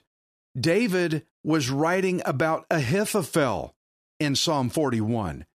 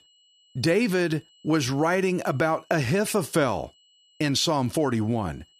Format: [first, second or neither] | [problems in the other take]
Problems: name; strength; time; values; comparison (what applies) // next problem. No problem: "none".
first | high-pitched whine; faint; throughout; 3 kHz, 30 dB below the speech